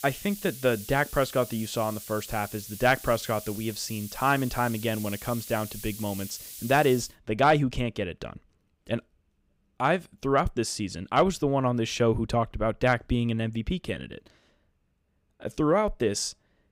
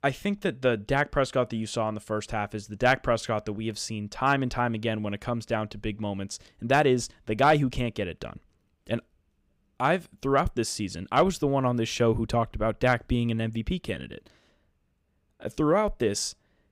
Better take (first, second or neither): second